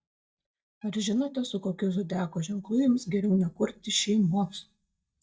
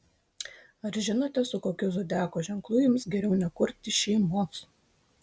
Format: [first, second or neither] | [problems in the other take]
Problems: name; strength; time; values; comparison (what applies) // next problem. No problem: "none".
second | noise reduction (neural mask model DeepFilterNet 3)